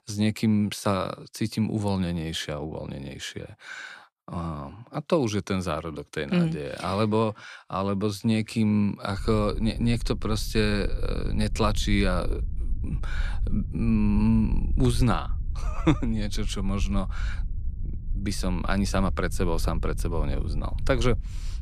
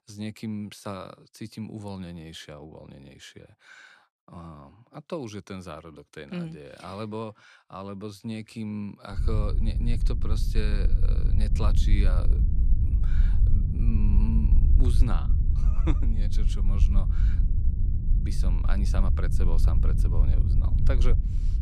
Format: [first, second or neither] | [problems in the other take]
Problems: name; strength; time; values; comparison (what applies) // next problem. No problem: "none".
first | low rumble; loud; from 9 s on; 4 dB below the speech; faint in the first